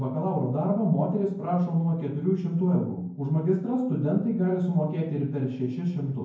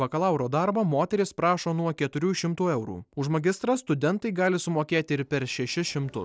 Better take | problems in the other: second | room echo; dies away in 0.9 s

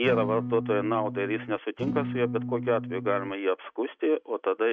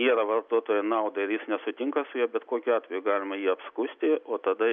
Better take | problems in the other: second | noise reduction (neural mask model RNNoise)

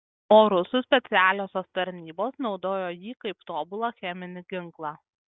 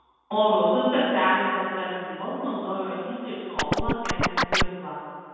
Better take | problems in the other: first | background sound (Scratching (performance technique)); 2 dB above the speech // room echo; dies away in 2 s

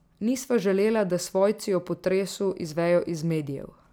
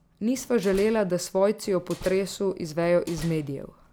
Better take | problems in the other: first | background sound (Slam); 19 dB below the speech

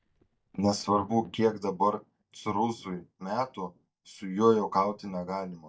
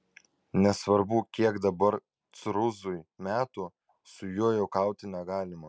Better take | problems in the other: second | noise reduction (neural mask model DeepFilterNet 3)

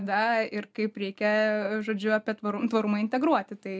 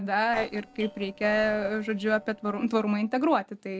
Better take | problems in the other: first | noise reduction (neural separator model SepFormer DNS4)

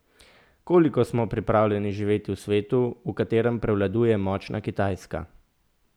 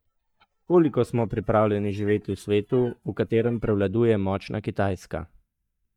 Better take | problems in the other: first | noise reduction (neural mask model DeepFilterNet 3)

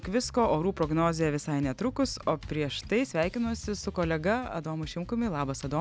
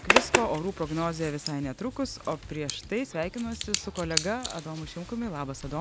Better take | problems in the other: first | background sound (Zipper (clothing)); 1 dB below the speech

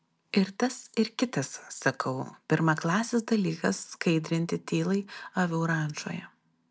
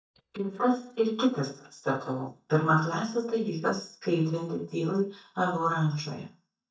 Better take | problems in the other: first | noise reduction (neural mask model DeepFilterNet 3)

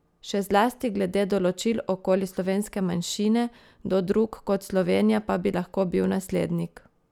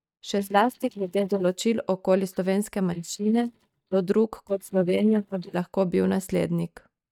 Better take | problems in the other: first | noise reduction (neural mask model DeepFilterNet 3)

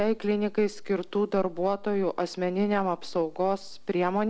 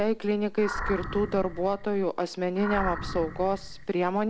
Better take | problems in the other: first | background sound (Animal); 9 dB below the speech

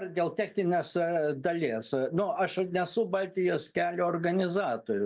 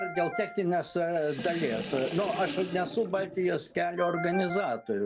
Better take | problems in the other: first | background sound (Ringtone + Sink (filling or washing) / Water); 9 dB below the speech

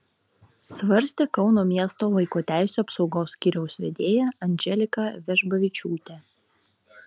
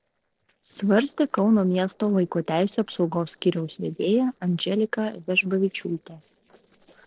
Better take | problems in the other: first | noise reduction (neural separator model SepFormer DNS4)

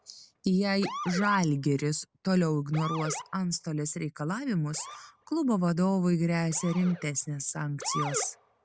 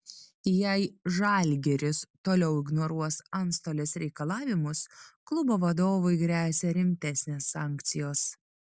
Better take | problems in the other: second | background sound (Motor vehicle (road) / Siren); 13 dB below the speech

